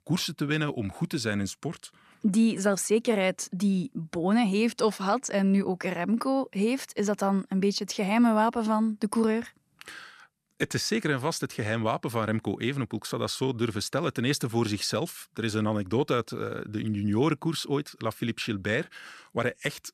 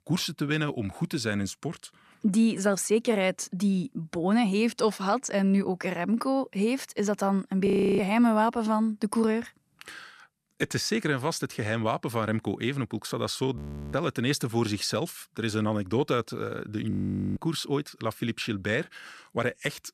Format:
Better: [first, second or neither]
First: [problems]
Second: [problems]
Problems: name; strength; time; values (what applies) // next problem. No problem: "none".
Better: first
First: none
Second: audio freezing; at 7.5 s, at 14 s and at 17 s